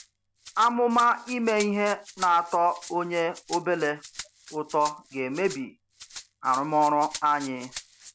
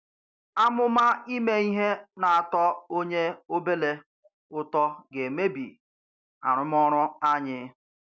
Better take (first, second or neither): second